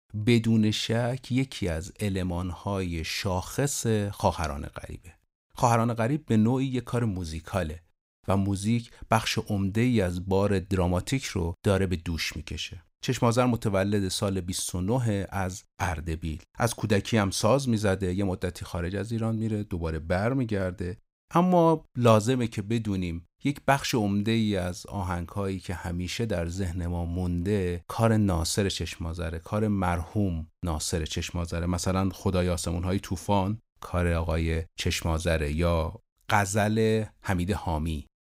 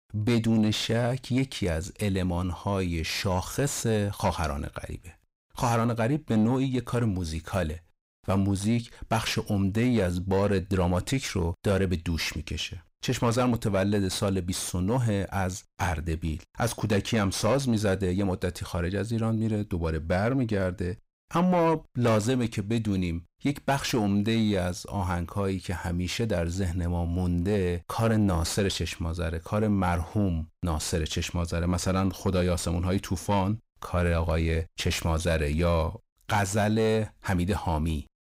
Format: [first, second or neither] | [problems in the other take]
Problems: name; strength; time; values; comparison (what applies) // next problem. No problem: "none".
first | distortion; slight; 10 dB below the speech